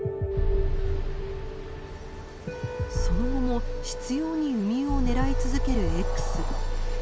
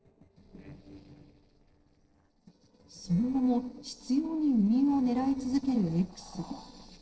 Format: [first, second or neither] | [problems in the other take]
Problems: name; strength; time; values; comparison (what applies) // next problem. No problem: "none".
first | noise reduction (neural separator model SepFormer DNS4)